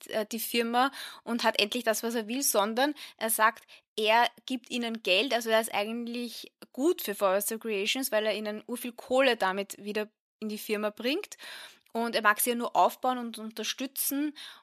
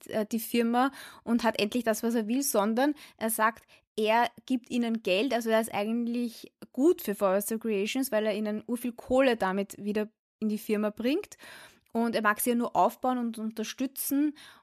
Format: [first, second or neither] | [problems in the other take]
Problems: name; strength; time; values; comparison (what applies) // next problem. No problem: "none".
second | thin; very slightly; fading below 600 Hz